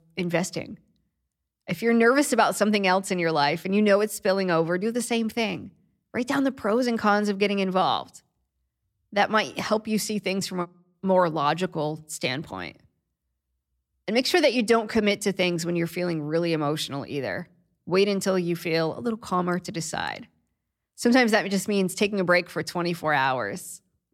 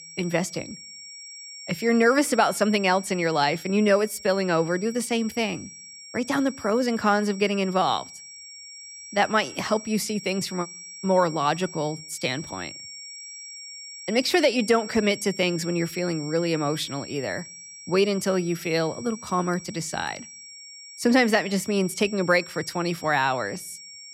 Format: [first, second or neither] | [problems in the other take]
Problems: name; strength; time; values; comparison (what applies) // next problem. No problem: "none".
first | high-pitched whine; noticeable; throughout; 5.5 kHz, 15 dB below the speech